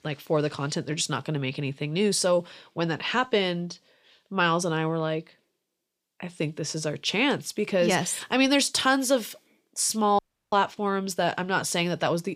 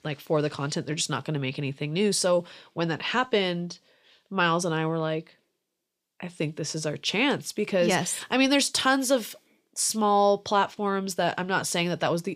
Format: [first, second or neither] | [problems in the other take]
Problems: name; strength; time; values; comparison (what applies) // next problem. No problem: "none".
second | audio cutting out; at 10 s